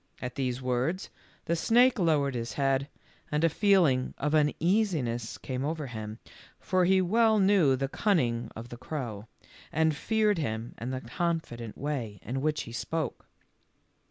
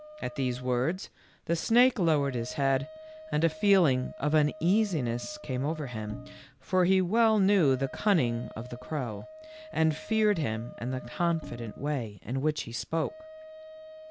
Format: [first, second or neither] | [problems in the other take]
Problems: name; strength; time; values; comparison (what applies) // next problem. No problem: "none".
first | background sound (Bowed string instrument + Wind instrument, woodwind instrument); 18 dB below the speech